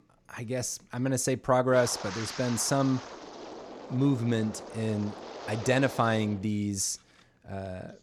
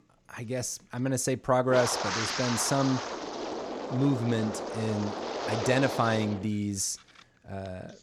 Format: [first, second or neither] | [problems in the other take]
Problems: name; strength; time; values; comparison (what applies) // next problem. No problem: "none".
first | wind noise on the microphone; heavy; 2 dB below the speech; occasional gusts in the first